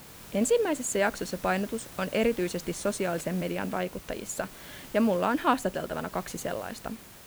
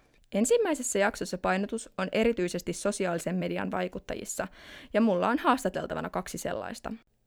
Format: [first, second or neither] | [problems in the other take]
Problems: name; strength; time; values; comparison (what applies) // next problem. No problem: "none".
second | hiss; noticeable; throughout; 15 dB below the speech